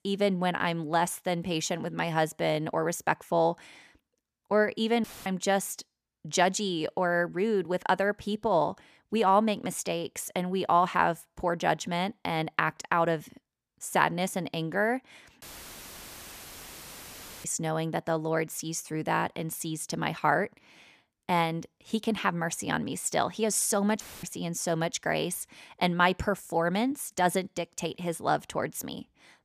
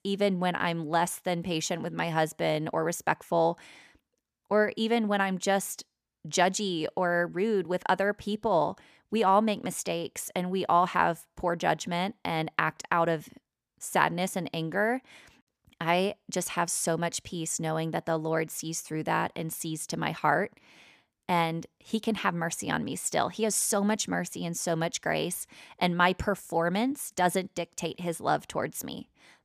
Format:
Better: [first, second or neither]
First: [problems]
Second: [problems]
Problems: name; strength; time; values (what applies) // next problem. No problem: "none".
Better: second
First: audio cutting out; filled with static; at 5 s, at 15 s for 2 s and at 24 s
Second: none